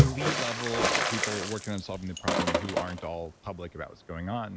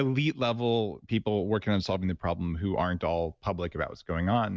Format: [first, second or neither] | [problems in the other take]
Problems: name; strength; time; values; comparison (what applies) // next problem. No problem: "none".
second | background sound (Sink (filling or washing) + Water / Splash, splatter); 5 dB above the speech